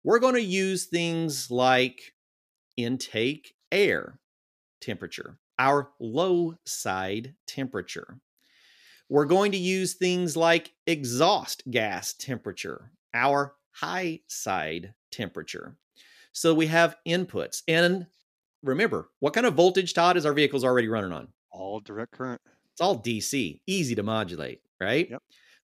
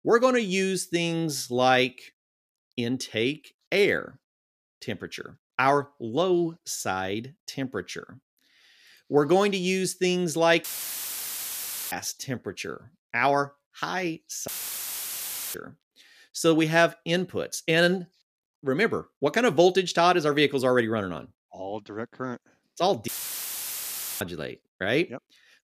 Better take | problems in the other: first | audio cutting out; filled with static; at 11 s for 1.5 s, at 14 s for 1 s and at 23 s for 1 s

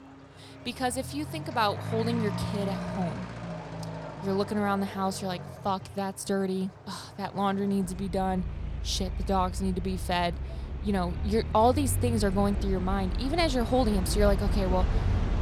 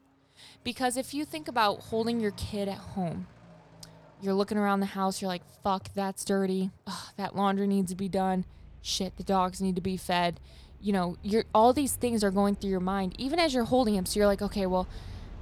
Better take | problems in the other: second | traffic noise; loud; throughout; 5 dB below the speech; faint in the second

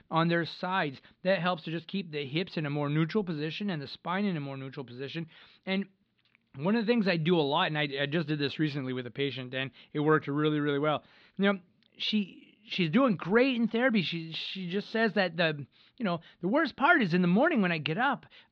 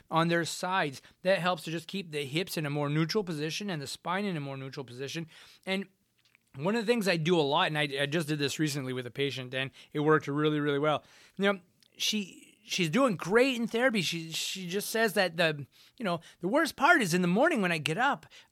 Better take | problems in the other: second | muffled; very slightly; fading above 4 kHz

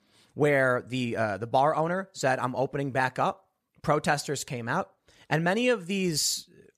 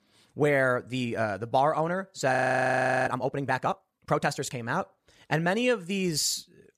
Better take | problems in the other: first | audio freezing; at 2.5 s for 0.5 s

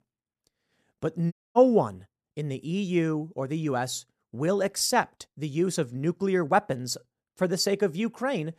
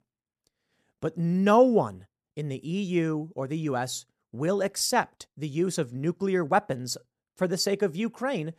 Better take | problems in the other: second | audio cutting out; at 1.5 s

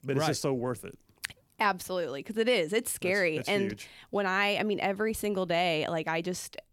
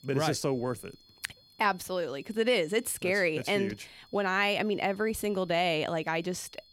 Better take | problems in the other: first | high-pitched whine; faint; throughout; 4.5 kHz, 30 dB below the speech

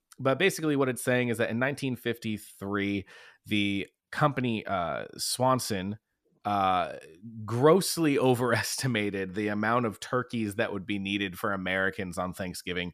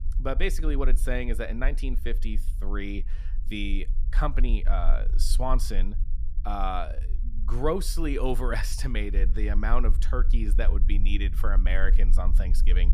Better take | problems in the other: first | low rumble; noticeable; throughout; 20 dB below the speech

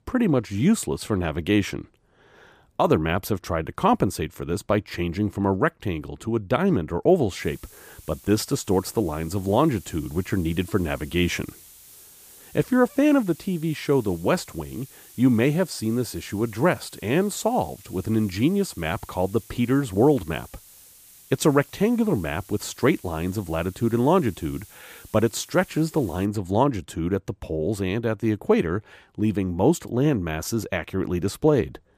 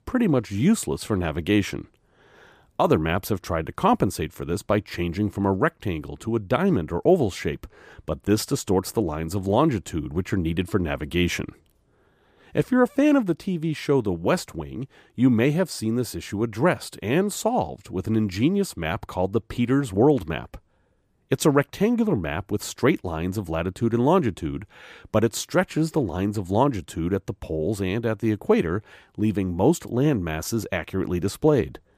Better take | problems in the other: second | hiss; faint; from 7.5 to 26 s; 20 dB below the speech

